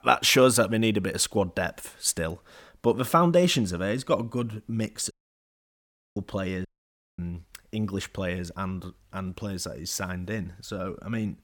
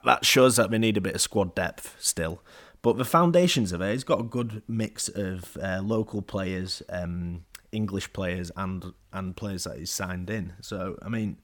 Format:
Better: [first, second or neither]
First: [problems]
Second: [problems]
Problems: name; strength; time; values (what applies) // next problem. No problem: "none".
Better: second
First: audio cutting out; at 5 s for 1 s and at 6.5 s for 0.5 s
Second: none